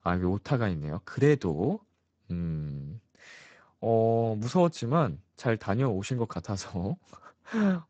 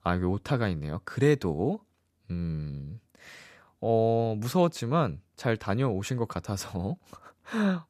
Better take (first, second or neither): second